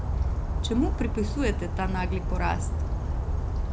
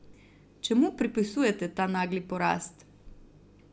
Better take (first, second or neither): second